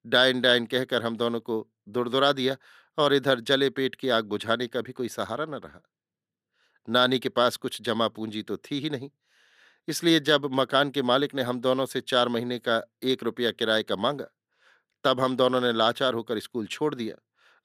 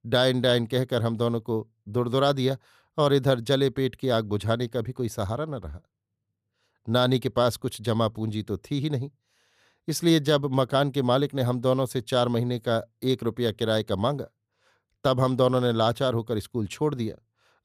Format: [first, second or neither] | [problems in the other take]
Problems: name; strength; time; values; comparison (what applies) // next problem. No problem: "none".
second | thin; very slightly; fading below 250 Hz